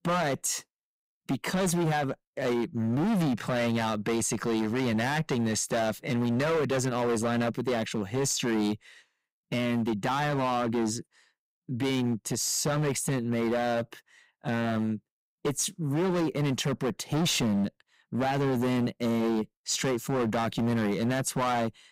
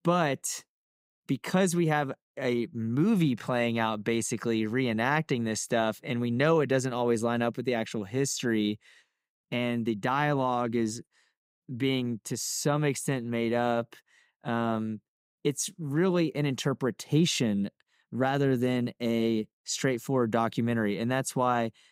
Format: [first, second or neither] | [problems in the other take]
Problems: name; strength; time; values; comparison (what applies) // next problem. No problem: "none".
second | distortion; heavy; 19% of the sound clipped